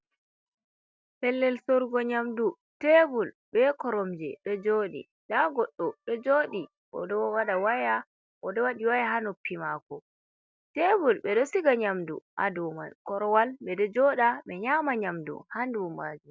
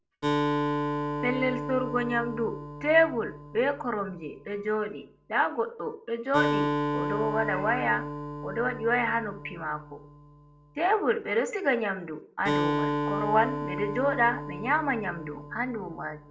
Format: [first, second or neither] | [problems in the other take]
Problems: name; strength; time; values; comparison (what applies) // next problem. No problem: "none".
first | background sound (Acoustic guitar); 4 dB below the speech // room echo; dies away in 0.3 s